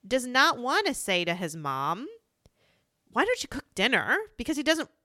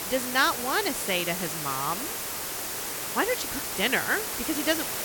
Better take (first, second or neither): first